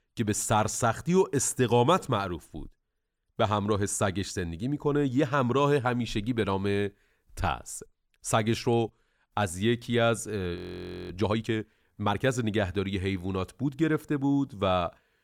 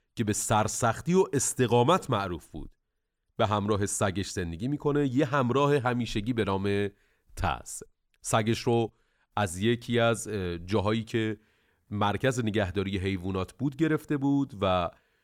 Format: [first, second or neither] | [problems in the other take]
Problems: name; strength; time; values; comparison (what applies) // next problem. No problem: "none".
second | audio freezing; at 11 s for 0.5 s